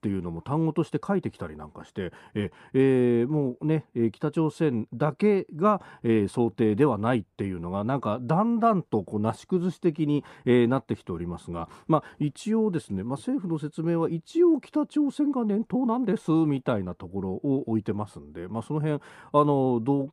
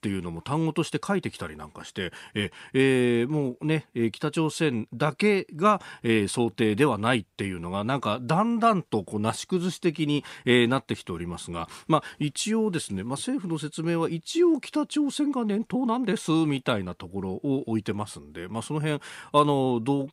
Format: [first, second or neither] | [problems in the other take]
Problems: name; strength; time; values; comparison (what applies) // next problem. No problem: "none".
second | muffled; slightly; fading above 1.5 kHz